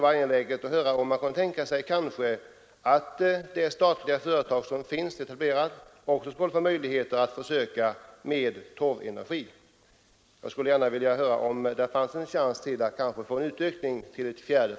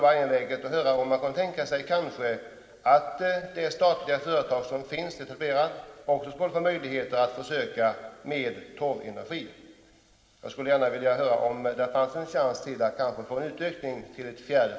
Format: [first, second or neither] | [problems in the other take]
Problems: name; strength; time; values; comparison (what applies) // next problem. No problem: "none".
first | room echo; dies away in 1.5 s